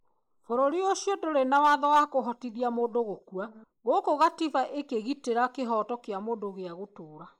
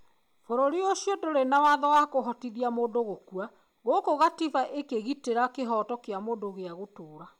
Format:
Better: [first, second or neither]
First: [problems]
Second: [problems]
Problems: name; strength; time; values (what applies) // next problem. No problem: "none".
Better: second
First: noise reduction (neural mask model Resemble Enhance denoiser)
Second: none